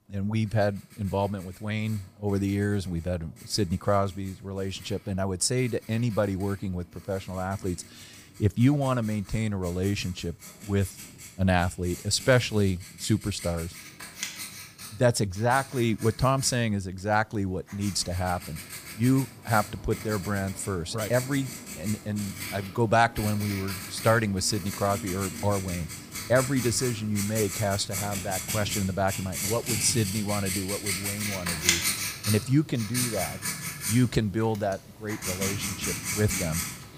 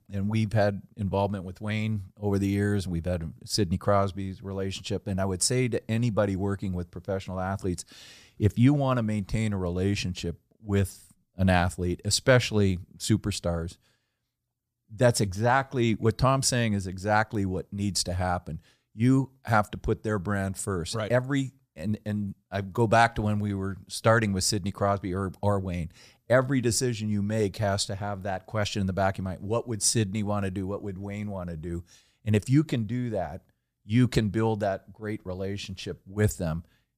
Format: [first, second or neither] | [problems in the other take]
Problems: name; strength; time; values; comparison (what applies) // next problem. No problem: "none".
second | household noises; loud; throughout; 5 dB below the speech